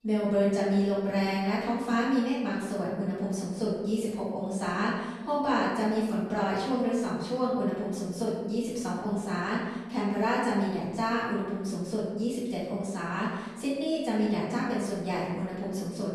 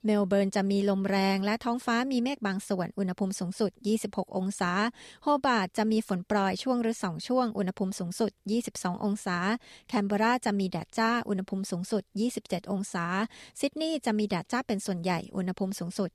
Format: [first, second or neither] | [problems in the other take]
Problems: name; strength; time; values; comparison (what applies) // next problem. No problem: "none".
second | off-mic speech; far // room echo; noticeable; dies away in 1.1 s